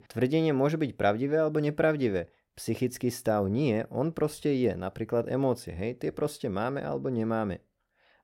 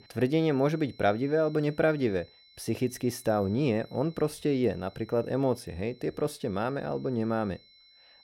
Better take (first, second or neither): first